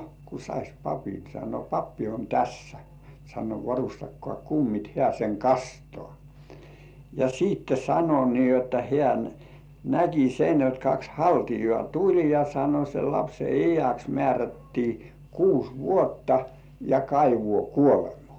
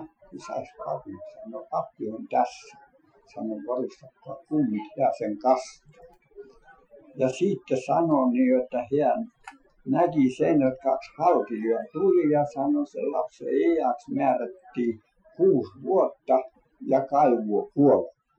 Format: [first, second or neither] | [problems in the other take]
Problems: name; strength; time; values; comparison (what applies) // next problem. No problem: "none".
first | noise reduction (classical method Wiener filter)